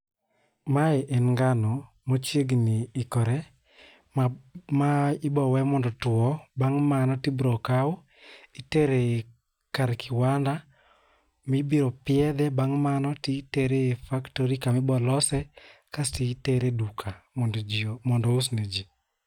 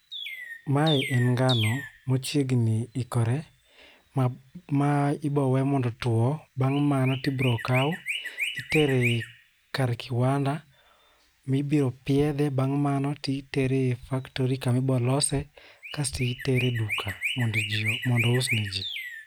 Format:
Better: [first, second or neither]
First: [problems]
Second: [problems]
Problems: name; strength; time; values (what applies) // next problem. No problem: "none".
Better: first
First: none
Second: background sound (Chirp, tweet); 11 dB below the speech